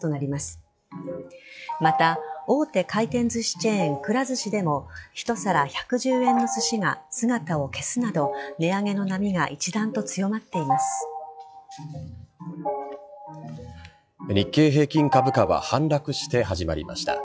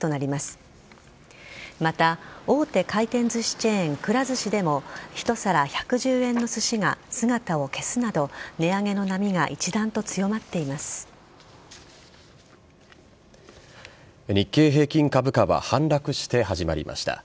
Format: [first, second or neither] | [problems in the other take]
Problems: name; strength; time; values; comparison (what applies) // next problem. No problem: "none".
second | noise reduction (classical method log-MMSE)